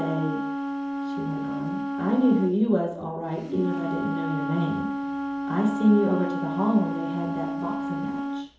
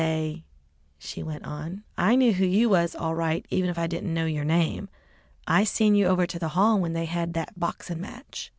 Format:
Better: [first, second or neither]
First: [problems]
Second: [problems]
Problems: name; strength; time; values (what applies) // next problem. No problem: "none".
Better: second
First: background sound (Wind instrument, woodwind instrument); 3 dB below the speech // room echo; dies away in 2.8 s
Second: none